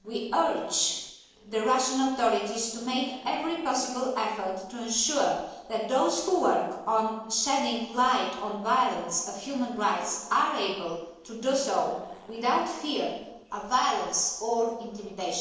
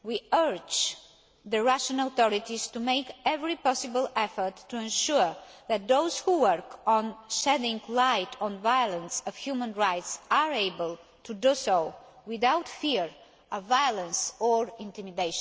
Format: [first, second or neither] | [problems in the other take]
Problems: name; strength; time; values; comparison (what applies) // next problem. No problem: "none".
second | noise reduction (neural separator model SepFormer DNS4)